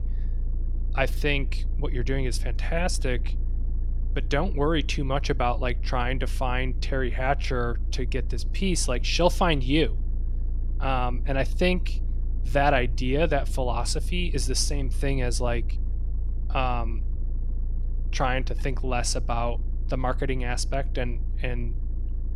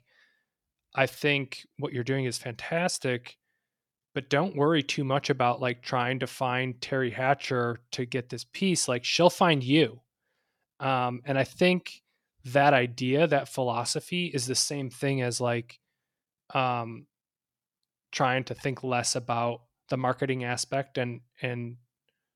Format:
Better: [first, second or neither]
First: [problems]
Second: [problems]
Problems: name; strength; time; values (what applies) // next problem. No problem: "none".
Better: second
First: low rumble; faint; throughout; 25 dB below the speech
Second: none